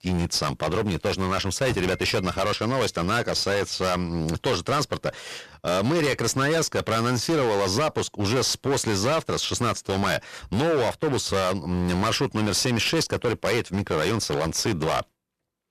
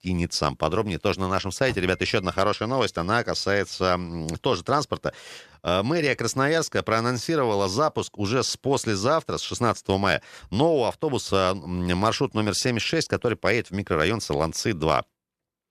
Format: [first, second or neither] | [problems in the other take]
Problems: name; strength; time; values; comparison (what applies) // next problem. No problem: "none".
second | distortion; heavy; 20% of the sound clipped